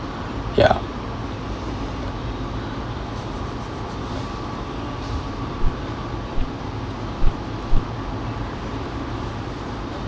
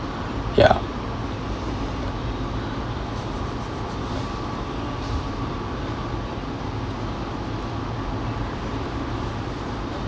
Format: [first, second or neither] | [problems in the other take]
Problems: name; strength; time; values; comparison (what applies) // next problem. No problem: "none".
second | background sound (Walk, footsteps); 3 dB above the speech